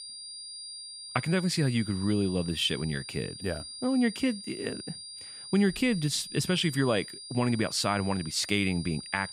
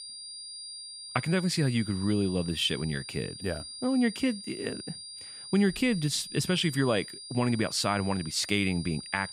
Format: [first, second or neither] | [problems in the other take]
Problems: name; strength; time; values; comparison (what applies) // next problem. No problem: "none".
neither | high-pitched whine; noticeable; throughout; 5 kHz, 10 dB below the speech; the same in both